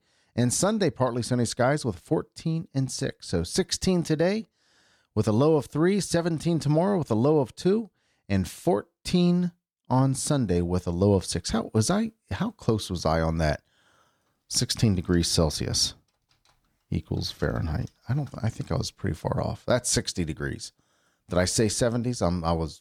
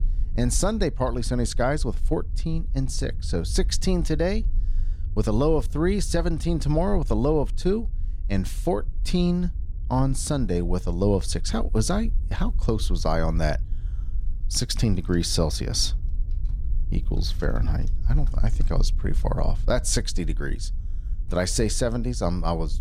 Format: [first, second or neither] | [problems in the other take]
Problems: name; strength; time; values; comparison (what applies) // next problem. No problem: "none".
first | low rumble; faint; throughout; 25 dB below the speech